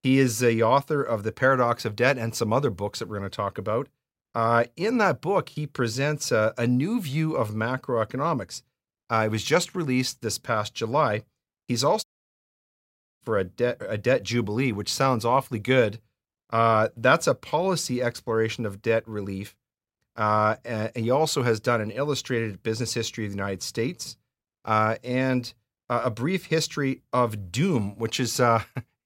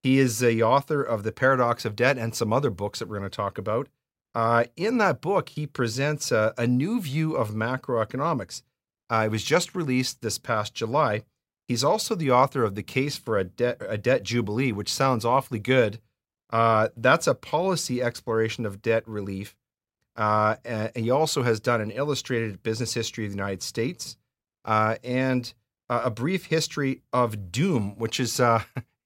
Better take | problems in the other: second | audio cutting out; at 12 s for 1 s

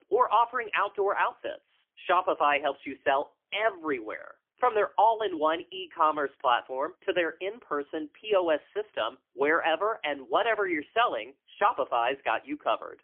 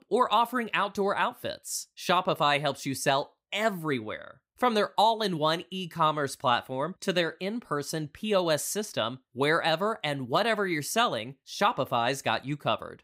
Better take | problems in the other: second | phone-call audio; poor line; nothing above 3.5 kHz

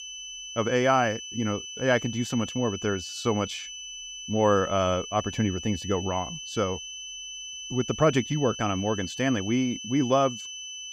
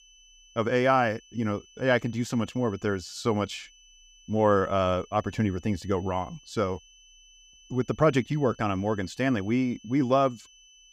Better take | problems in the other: second | high-pitched whine; loud; throughout; 3 kHz, 9 dB below the speech; faint in the second

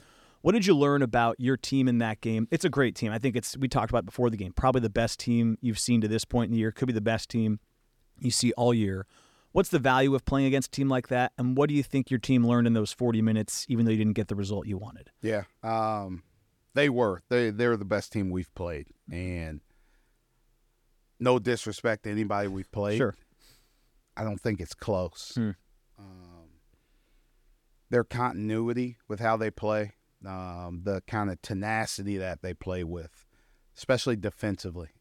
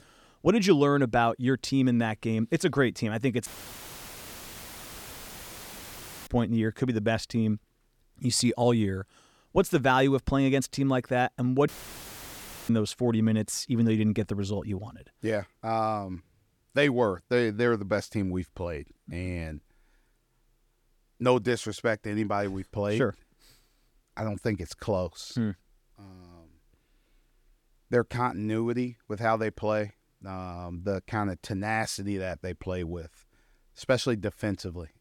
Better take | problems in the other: first | audio cutting out; filled with static; at 3.5 s for 3 s and at 12 s for 1 s

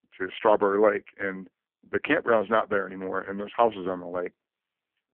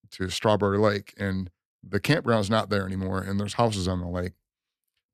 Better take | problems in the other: second | phone-call audio; poor line; nothing above 3 kHz

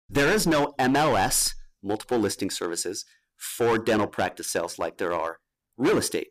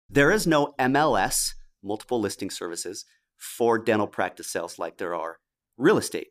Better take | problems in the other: second | distortion; heavy; 10% of the sound clipped

